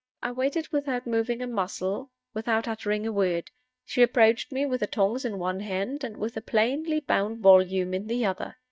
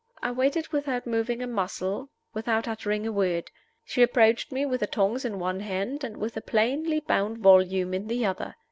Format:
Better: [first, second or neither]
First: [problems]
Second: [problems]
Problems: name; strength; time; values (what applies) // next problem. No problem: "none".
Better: second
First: noise reduction (neural mask model DeepFilterNet 3)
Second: none